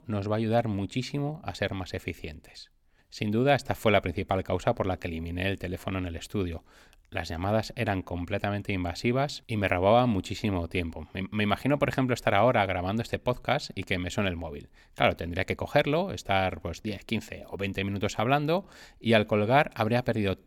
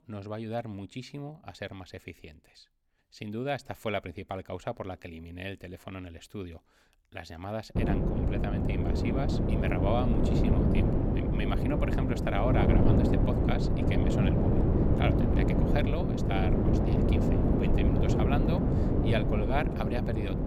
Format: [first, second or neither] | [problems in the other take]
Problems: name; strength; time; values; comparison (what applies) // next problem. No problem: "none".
first | wind noise on the microphone; heavy; from 8 s on; 3 dB above the speech